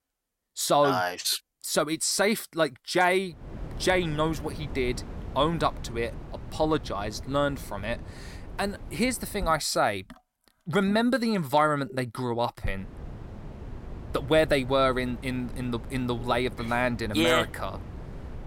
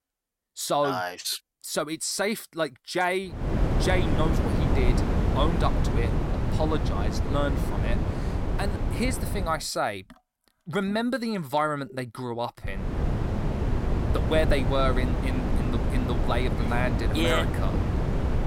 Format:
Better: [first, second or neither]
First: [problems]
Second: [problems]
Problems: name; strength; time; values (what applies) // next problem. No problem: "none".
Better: first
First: wind noise on the microphone; occasional gusts; from 3.5 to 9.5 s and from 13 s on; 20 dB below the speech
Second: wind noise on the microphone; heavy; from 3.5 to 9.5 s and from 13 s on; 5 dB below the speech